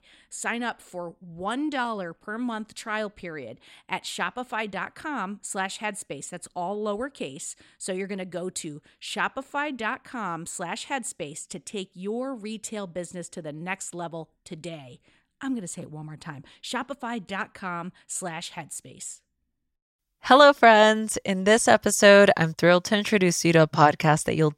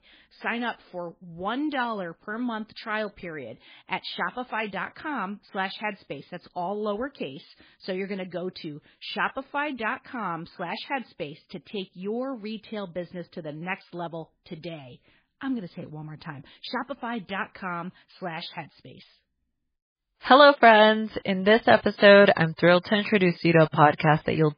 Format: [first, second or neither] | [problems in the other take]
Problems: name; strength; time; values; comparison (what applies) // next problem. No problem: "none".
first | garbled, watery; badly; nothing above 4 kHz